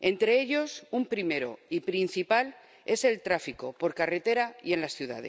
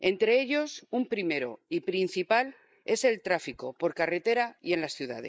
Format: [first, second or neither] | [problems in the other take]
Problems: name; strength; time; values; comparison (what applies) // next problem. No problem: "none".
first | noise reduction (neural mask model Resemble Enhance denoiser)